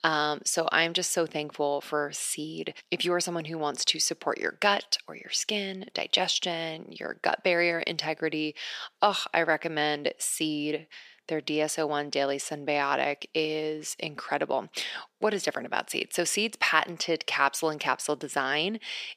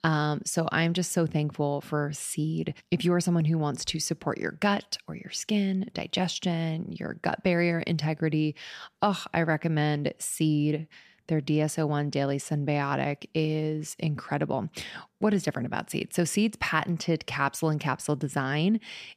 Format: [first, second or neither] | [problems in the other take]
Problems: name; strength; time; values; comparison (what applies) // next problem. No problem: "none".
second | thin; somewhat; fading below 450 Hz